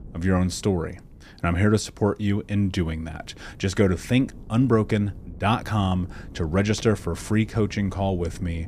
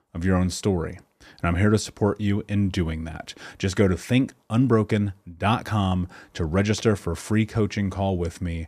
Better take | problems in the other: second | wind noise on the microphone; occasional gusts; 25 dB below the speech

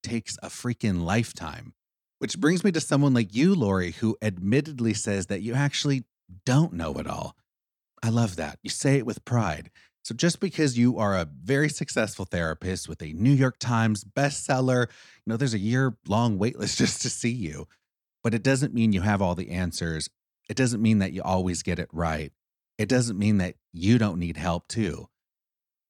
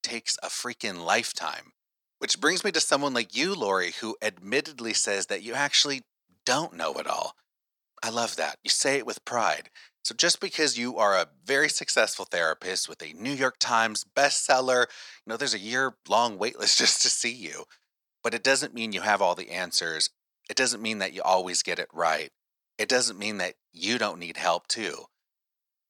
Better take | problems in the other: first | thin; very; fading below 650 Hz

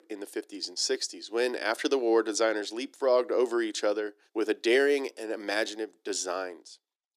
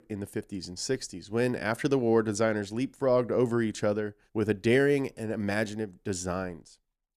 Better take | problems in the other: second | thin; somewhat; fading below 300 Hz

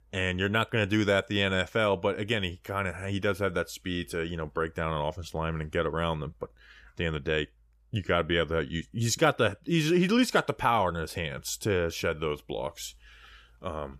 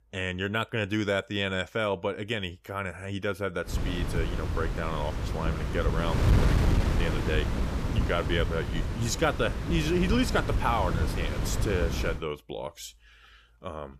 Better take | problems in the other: first | wind noise on the microphone; heavy; from 3.5 to 12 s; 6 dB below the speech

